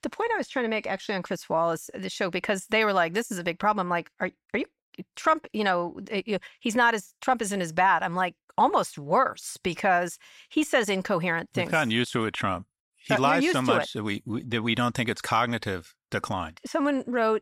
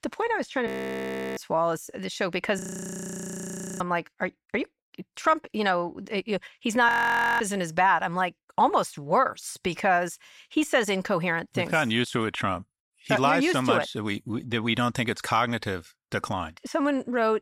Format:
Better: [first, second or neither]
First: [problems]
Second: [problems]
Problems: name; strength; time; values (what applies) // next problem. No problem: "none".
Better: first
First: none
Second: audio freezing; at 0.5 s for 0.5 s, at 2.5 s for 1 s and at 7 s for 0.5 s